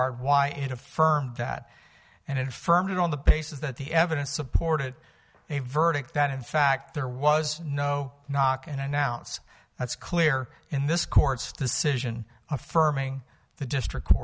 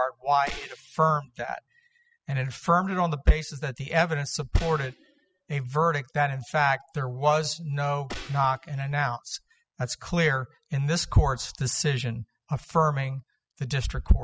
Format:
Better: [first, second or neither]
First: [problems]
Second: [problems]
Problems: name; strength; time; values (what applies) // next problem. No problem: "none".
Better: first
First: none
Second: noise reduction (classical method spectral subtraction)